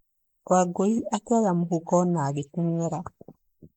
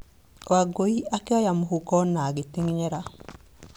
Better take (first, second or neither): second